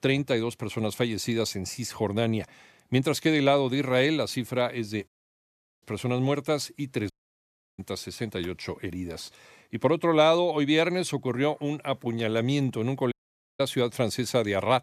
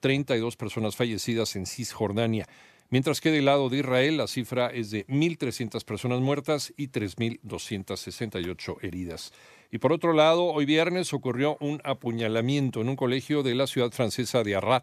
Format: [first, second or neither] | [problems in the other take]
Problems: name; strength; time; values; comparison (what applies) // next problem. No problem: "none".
second | audio cutting out; at 5 s for 0.5 s, at 7 s for 0.5 s and at 13 s